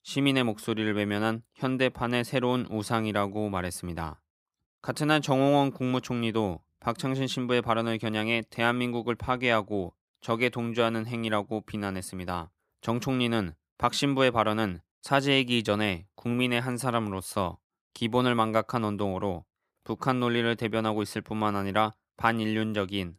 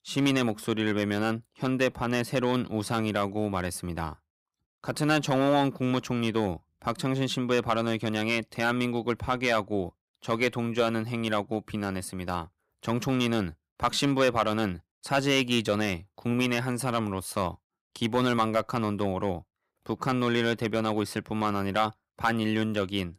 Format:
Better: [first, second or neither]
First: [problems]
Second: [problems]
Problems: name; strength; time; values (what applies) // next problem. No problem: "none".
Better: first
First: none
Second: distortion; slight; 1.6% of the sound clipped